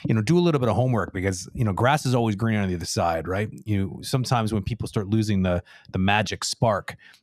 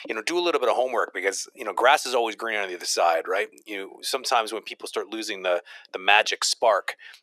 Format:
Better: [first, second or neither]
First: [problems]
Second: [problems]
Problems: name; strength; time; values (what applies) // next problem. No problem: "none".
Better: first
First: none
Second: thin; very; fading below 400 Hz